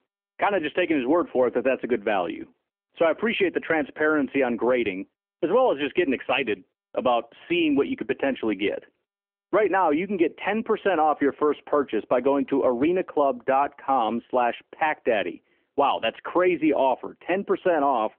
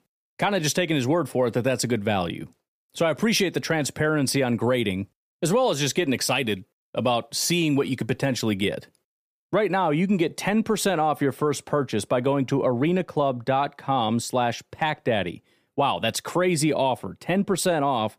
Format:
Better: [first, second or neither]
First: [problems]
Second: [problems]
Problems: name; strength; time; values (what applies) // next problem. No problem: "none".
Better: second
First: phone-call audio; nothing above 3 kHz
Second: none